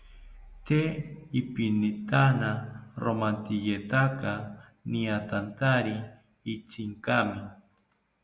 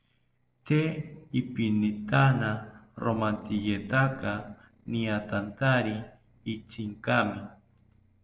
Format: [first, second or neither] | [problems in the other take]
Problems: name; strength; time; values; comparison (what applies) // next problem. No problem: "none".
first | noise reduction (neural separator model SepFormer DNS4)